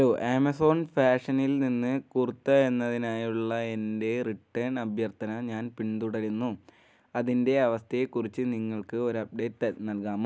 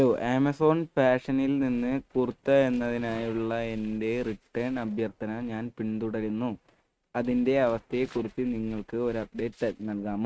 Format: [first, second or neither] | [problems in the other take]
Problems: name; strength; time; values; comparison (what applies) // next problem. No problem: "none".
first | noise reduction (neural mask model RNNoise)